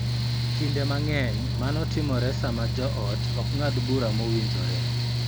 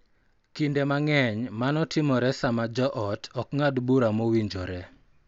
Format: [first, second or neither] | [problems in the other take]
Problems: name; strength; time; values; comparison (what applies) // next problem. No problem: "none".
second | background sound (Mechanical fan); 5 dB above the speech